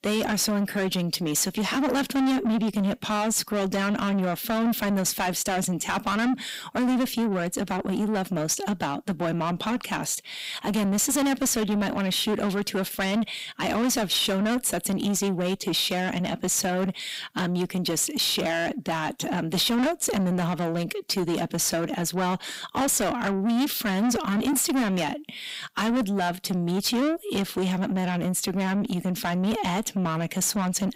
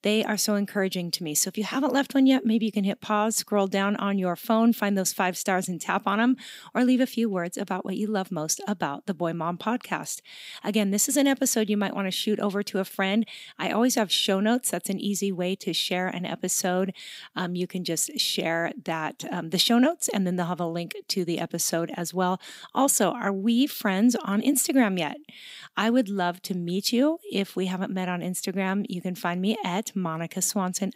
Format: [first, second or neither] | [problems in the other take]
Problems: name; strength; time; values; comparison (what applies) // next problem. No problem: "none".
second | distortion; heavy; 6 dB below the speech